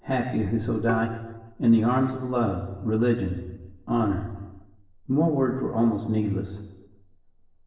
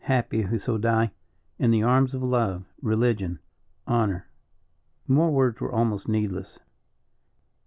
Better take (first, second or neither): second